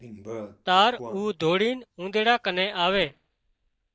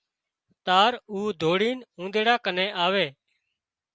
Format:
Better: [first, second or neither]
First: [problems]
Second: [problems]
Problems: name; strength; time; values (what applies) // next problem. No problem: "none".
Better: second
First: noise reduction (neural mask model DeepFilterNet 3)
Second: none